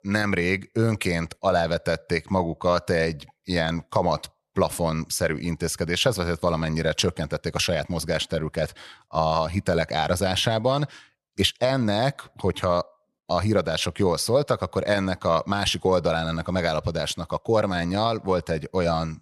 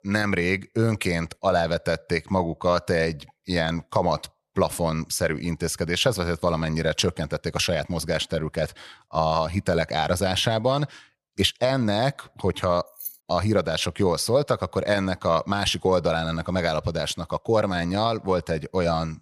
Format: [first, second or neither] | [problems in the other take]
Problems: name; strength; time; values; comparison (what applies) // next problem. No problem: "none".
first | jangling keys; faint; at 13 s; peak 10 dB below the speech